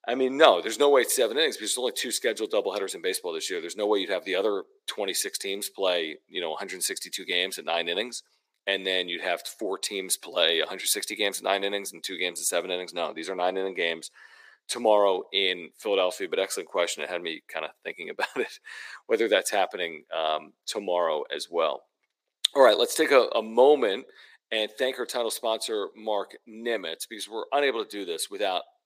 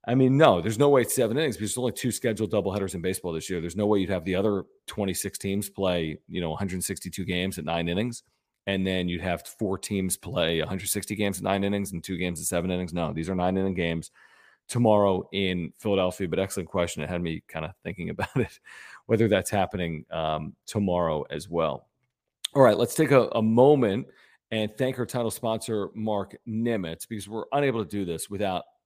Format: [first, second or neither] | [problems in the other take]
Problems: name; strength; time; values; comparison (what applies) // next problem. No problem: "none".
second | thin; somewhat; fading below 350 Hz